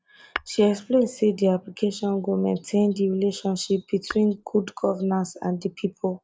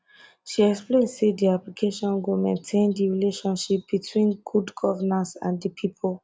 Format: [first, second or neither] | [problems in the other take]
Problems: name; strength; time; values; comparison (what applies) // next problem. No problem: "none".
second | noise reduction (neural mask model Resemble Enhance denoiser)